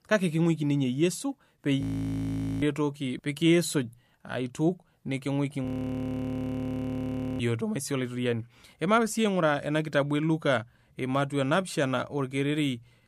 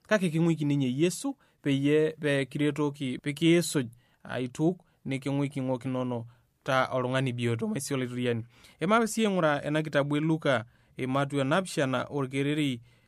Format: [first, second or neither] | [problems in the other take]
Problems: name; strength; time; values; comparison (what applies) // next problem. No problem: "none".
second | audio freezing; at 2 s for 1 s and at 5.5 s for 2 s